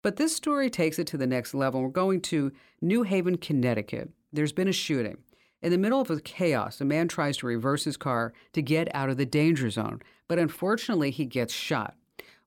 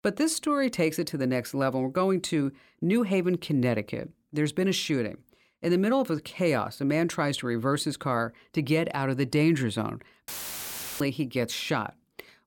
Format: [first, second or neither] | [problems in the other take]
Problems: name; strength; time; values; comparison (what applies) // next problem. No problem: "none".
first | audio cutting out; filled with static; at 10 s for 0.5 s